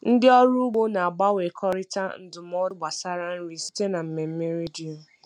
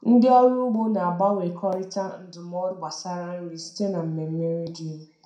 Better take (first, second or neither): first